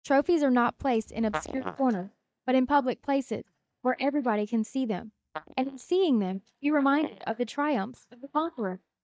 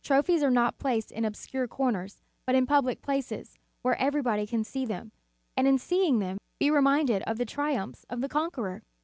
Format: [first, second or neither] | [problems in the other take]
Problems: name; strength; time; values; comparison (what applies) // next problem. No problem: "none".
second | noise reduction (neural mask model DeepFilterNet 3)